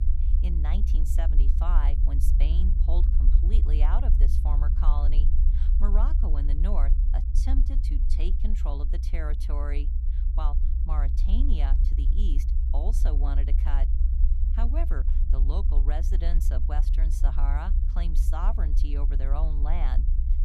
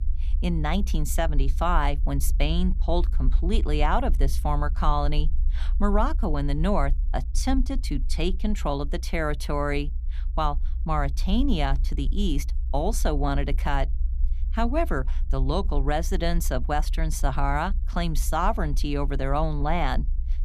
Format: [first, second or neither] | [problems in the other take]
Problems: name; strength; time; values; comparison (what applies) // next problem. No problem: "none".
second | low rumble; loud; throughout; 6 dB below the speech; faint in the second